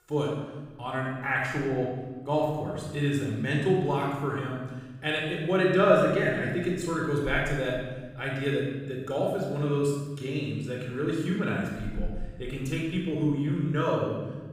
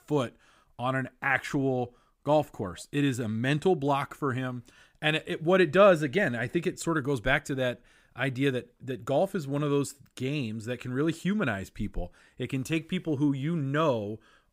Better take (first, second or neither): second